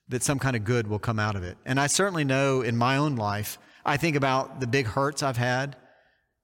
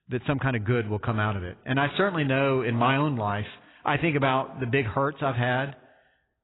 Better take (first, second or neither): first